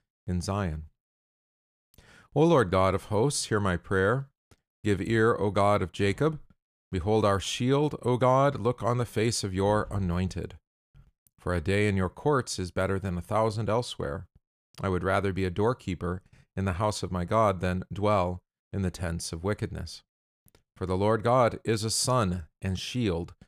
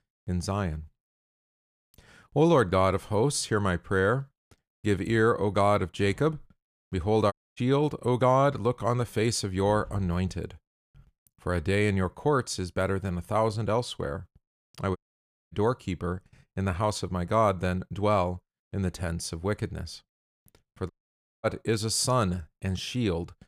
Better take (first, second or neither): first